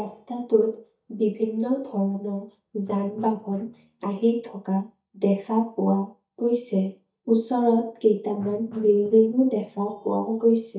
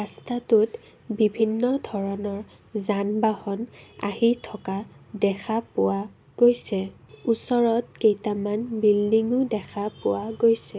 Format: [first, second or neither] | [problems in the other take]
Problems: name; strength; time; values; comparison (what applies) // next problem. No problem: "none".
second | noise reduction (neural mask model DeepFilterNet 3)